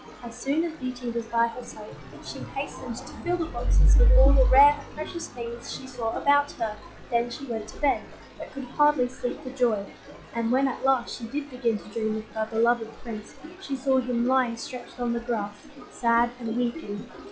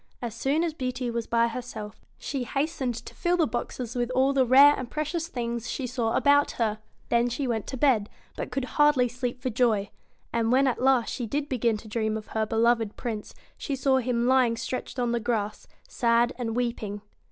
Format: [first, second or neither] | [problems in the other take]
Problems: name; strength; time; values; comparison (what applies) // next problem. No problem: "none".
second | noise reduction (classical method log-MMSE)